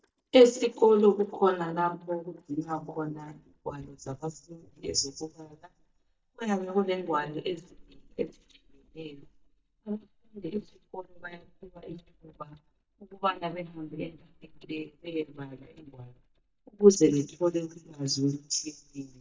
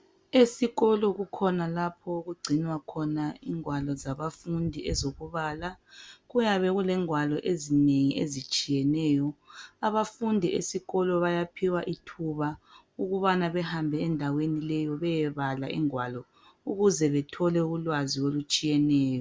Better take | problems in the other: second | noise reduction (neural mask model DeepFilterNet 3)

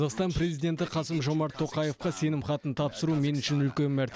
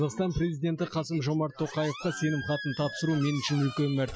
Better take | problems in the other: first | noise reduction (classical method Wiener filter)

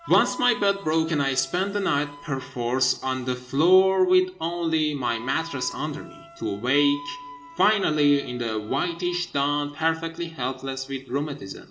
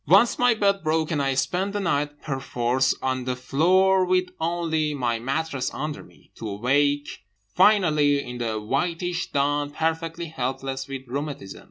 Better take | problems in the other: second | background sound (Wind instrument, woodwind instrument); 20 dB below the speech // room echo; dies away in 1.5 s

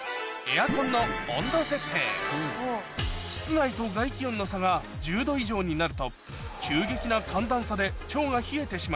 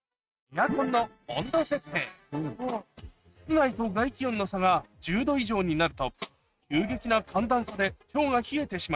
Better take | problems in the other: first | noise reduction (neural mask model RNNoise)

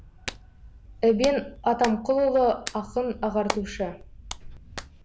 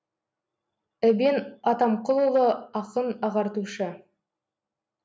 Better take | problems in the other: second | background sound (Hands); 12 dB below the speech

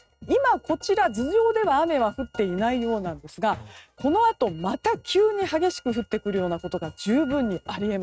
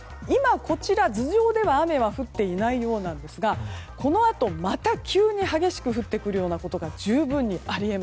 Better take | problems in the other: second | noise reduction (neural mask model RNNoise)

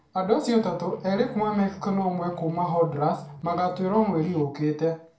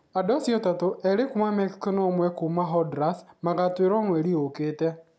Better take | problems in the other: second | background sound (Guitar); 18 dB below the speech // room echo; dies away in 0.3 s

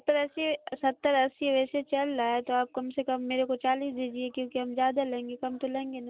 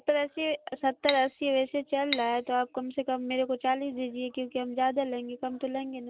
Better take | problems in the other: first | background sound (Cutlery, silverware / Dishes, pots, and pans); 7 dB below the speech

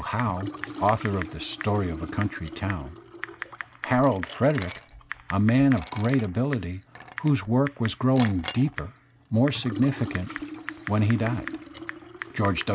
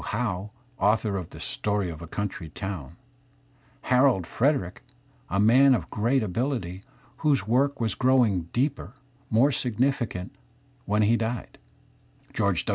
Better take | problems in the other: second | background sound (Typing + Liquid); 12 dB below the speech

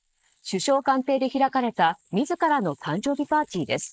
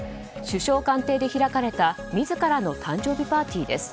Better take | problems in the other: second | noise reduction (neural mask model Resemble Enhance denoiser)

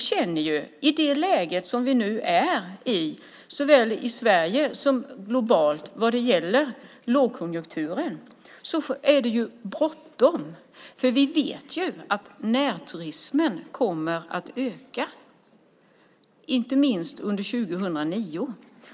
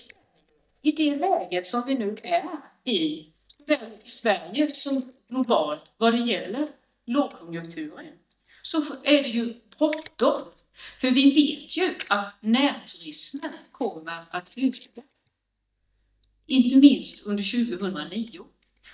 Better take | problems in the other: first | noise reduction (neural mask model DeepFilterNet 3)

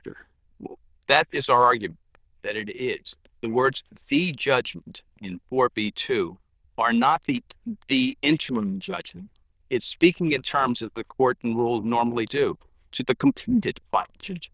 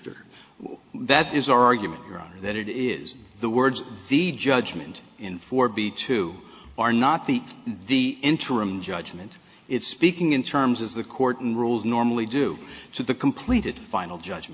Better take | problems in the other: second | noise reduction (neural diffusion model UNIVERSE++)

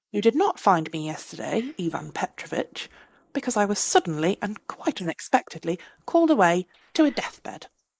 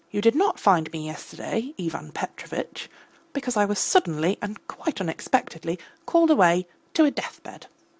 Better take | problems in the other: second | noise reduction (neural mask model Resemble Enhance denoiser)

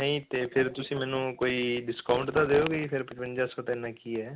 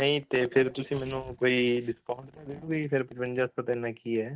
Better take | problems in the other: first | noise reduction (neural mask model DeepFilterNet 3)

